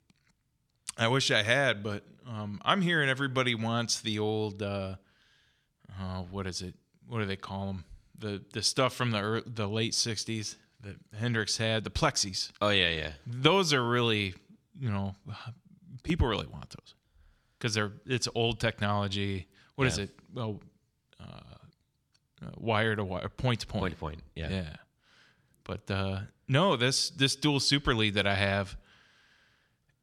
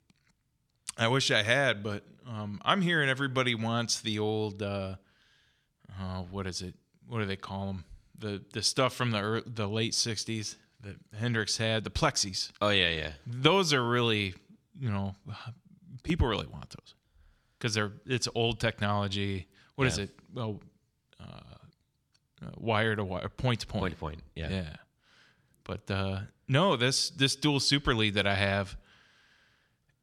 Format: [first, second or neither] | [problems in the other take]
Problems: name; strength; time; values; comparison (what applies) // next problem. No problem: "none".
neither | none